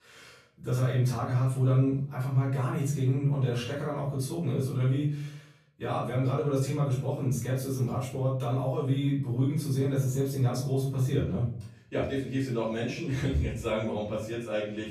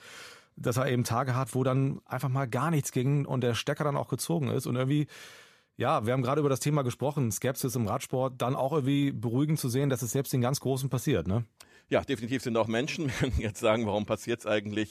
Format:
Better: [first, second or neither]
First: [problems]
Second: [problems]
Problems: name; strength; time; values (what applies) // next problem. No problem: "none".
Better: second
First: room echo; noticeable; dies away in 0.5 s // off-mic speech; far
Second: none